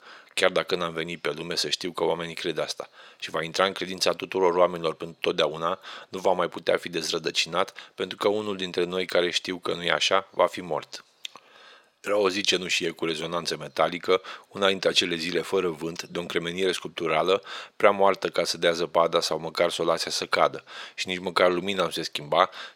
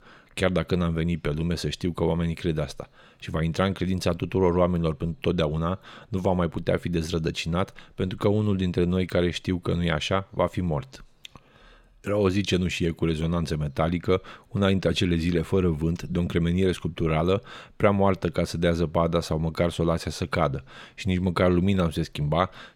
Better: second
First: thin; very; fading below 500 Hz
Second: none

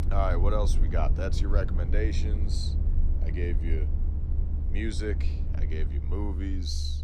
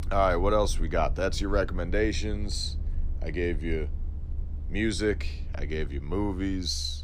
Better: second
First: low rumble; loud; throughout; 9 dB below the speech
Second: low rumble; faint; throughout; 25 dB below the speech

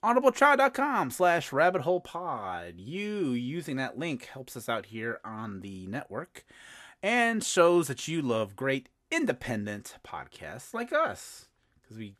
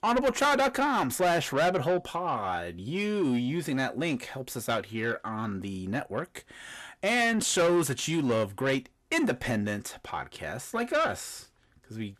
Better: first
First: none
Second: distortion; heavy; 7 dB below the speech

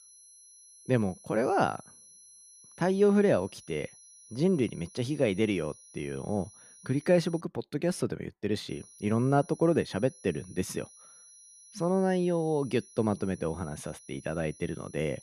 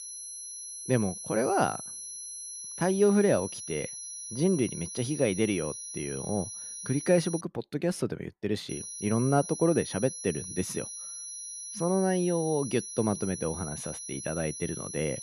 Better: first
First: high-pitched whine; faint; until 7.5 s and from 8.5 s on; 10.5 kHz, 20 dB below the speech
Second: high-pitched whine; loud; until 7.5 s and from 8.5 s on; 10.5 kHz, 8 dB below the speech

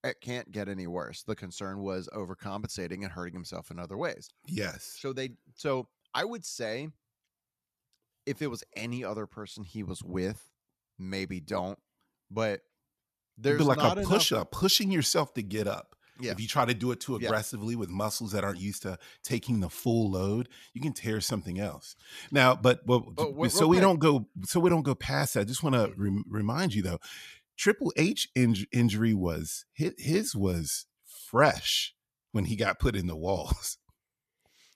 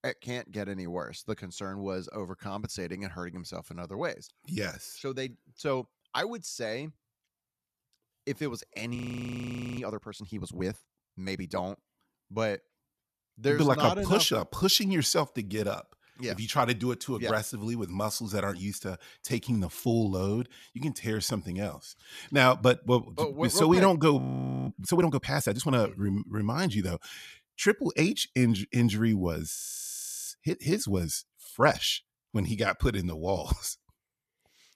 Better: first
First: none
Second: audio freezing; at 9 s for 1 s, at 24 s and at 30 s for 0.5 s

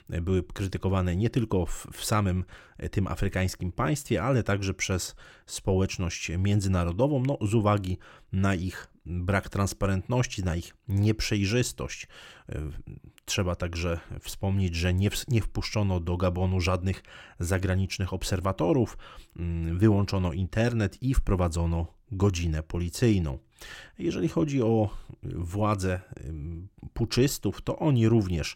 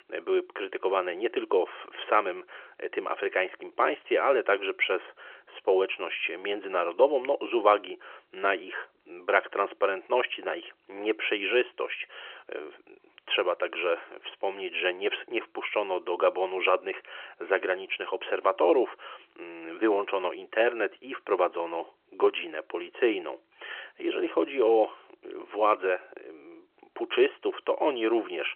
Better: first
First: none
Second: phone-call audio; nothing above 3 kHz

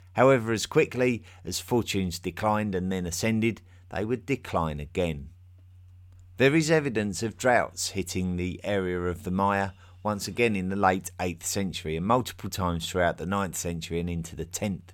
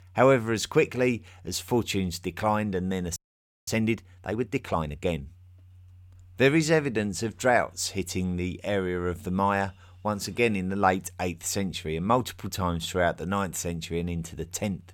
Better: first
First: none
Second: audio freezing; at 3 s for 0.5 s

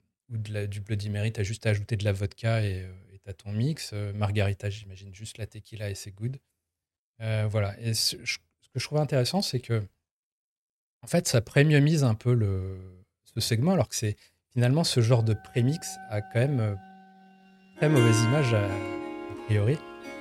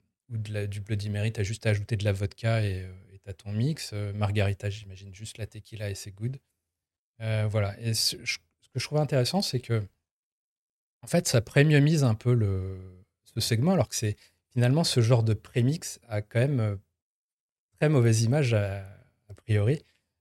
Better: second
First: background music; loud; from 16 s on; 7 dB below the speech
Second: none

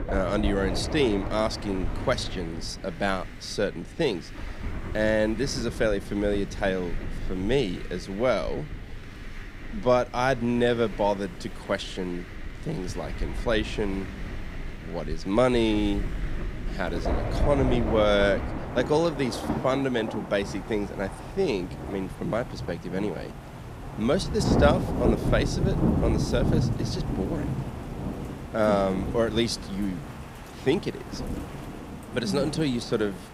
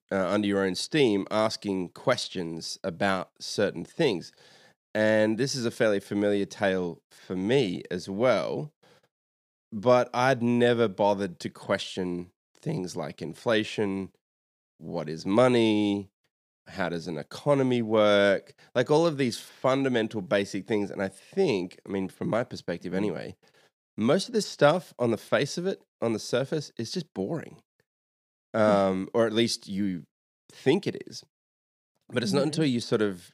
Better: second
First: rain or running water; loud; throughout; 6 dB below the speech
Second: none

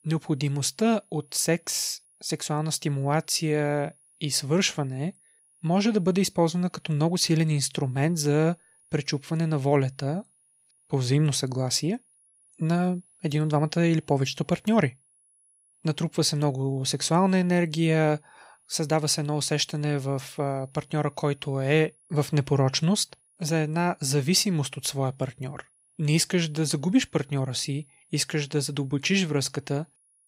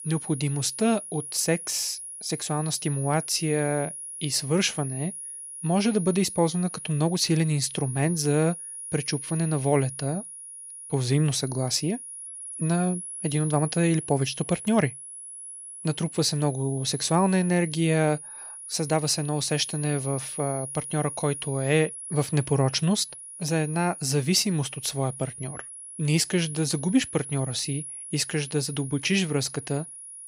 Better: first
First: high-pitched whine; faint; throughout; 10.5 kHz, 35 dB below the speech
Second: high-pitched whine; loud; throughout; 10.5 kHz, 10 dB below the speech

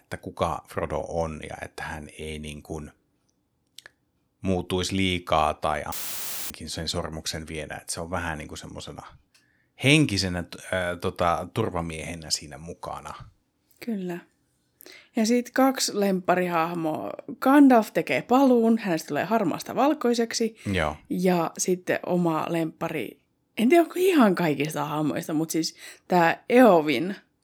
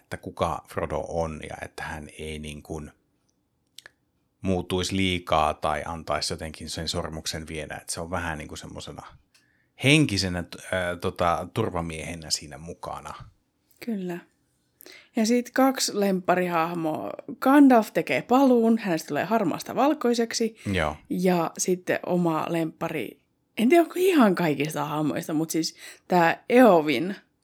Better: second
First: audio cutting out; filled with static; at 6 s for 0.5 s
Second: none

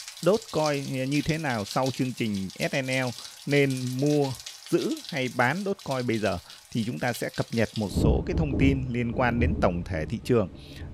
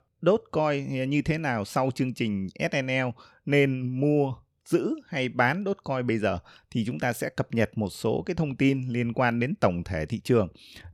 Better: second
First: rain or running water; loud; throughout; 8 dB below the speech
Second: none

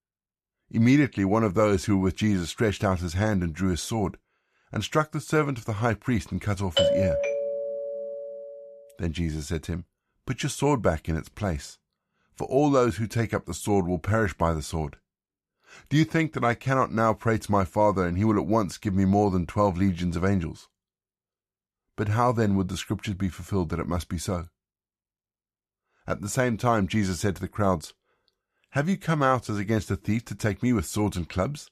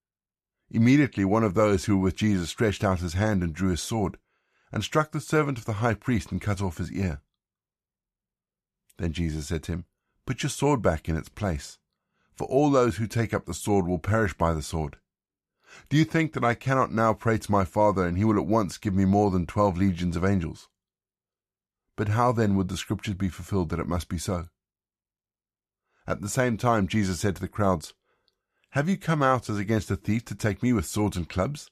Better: second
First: doorbell; loud; from 7 to 8.5 s; peak 4 dB above the speech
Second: none

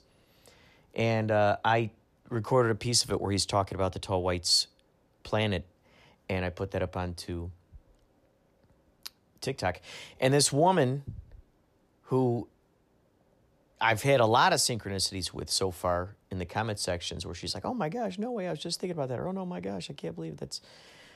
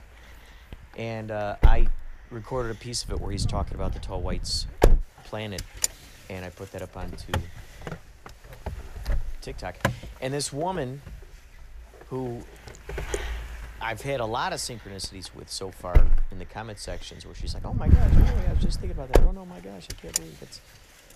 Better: first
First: none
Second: wind noise on the microphone; heavy; as loud as the speech

